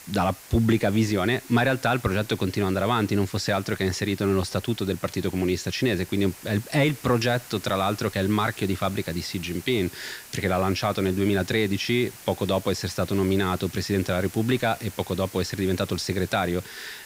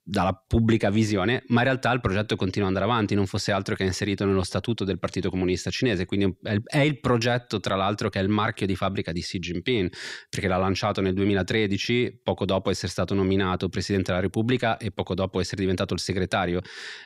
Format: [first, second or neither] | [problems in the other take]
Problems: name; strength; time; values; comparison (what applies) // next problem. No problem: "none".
second | hiss; noticeable; throughout; 15 dB below the speech